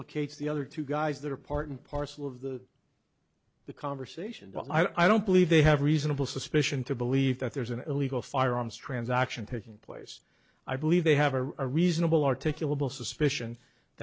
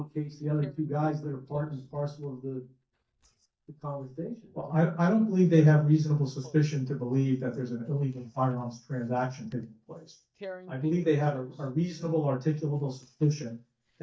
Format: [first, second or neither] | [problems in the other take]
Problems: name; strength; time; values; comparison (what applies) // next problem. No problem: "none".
first | noise reduction (neural mask model DeepFilterNet 3)